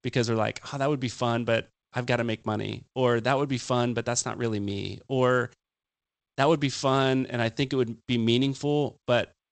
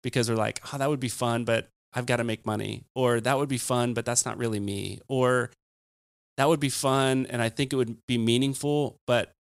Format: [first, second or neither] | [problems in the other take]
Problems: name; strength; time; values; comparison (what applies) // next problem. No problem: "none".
second | garbled, watery; slightly; nothing above 8 kHz